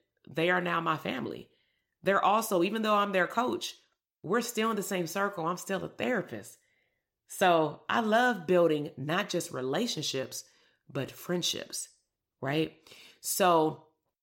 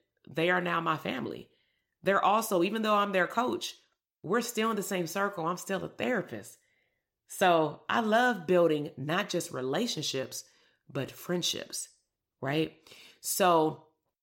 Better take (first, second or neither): neither